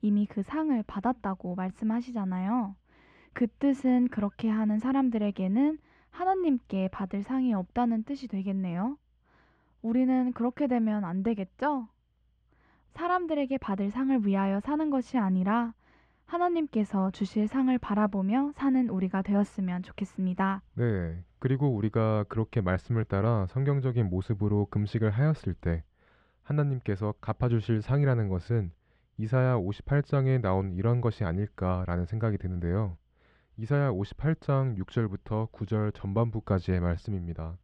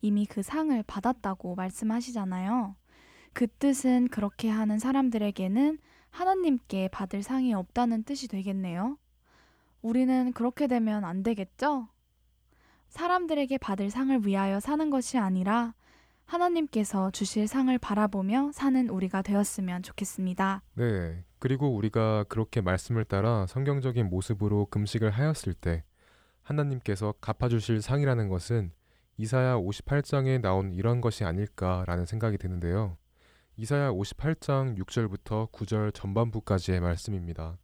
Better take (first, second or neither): second